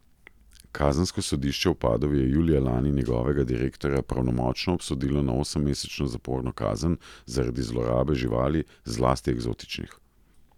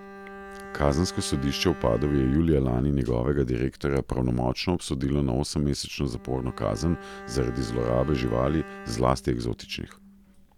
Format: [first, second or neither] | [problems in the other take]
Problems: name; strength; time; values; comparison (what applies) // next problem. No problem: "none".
first | background sound (Bowed string instrument); 17 dB below the speech